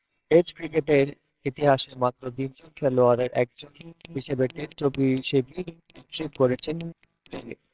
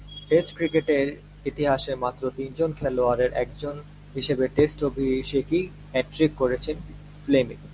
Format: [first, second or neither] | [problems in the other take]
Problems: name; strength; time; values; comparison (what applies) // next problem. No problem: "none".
second | noise reduction (neural separator model SepFormer WHAMR!)